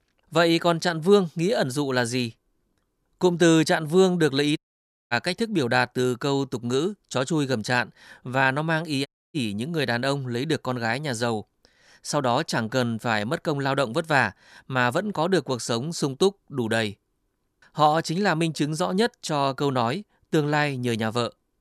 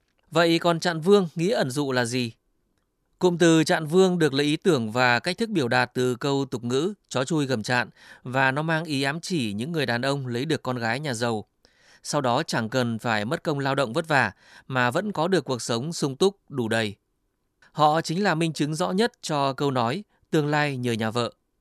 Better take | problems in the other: second | audio cutting out; at 4.5 s for 0.5 s and at 9 s

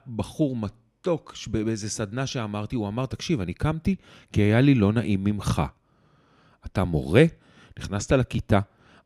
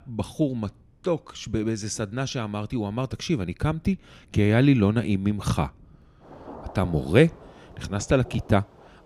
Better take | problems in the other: first | rain or running water; faint; throughout; 25 dB below the speech

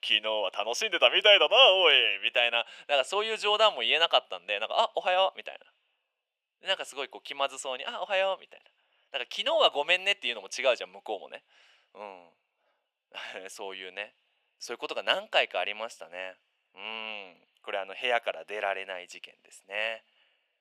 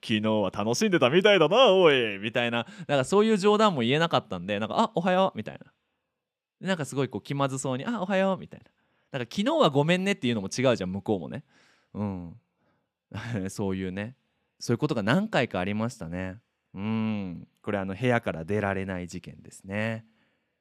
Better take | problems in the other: second | thin; very; fading below 550 Hz

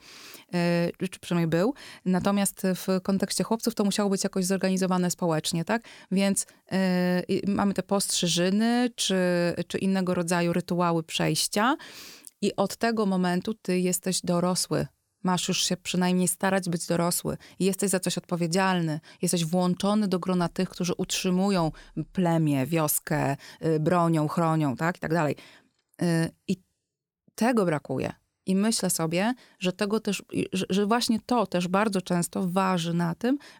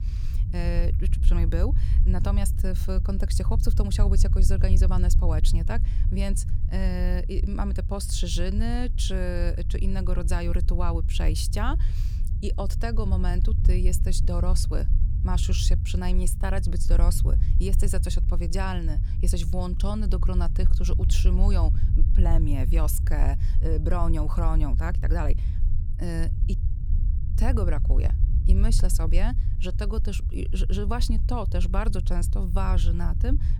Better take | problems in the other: first | low rumble; loud; throughout; 10 dB below the speech

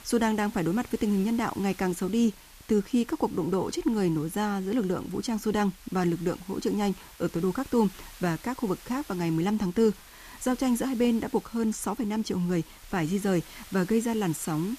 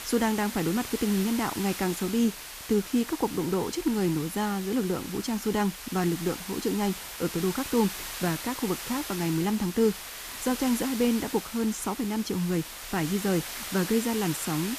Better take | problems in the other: first | hiss; loud; throughout; 8 dB below the speech; faint in the first

